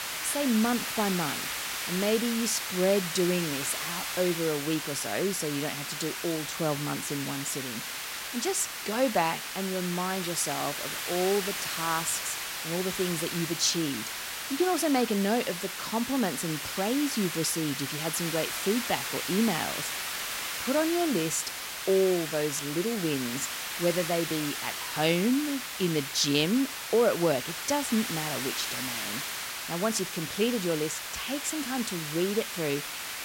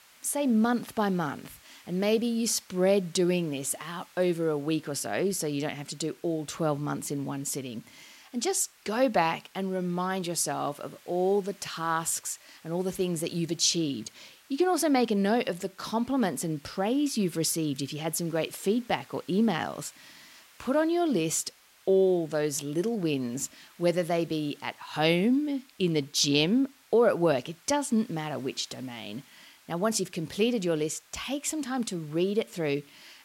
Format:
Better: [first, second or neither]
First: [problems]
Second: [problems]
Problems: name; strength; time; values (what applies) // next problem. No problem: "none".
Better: second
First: hiss; loud; throughout; 3 dB below the speech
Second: hiss; faint; throughout; 25 dB below the speech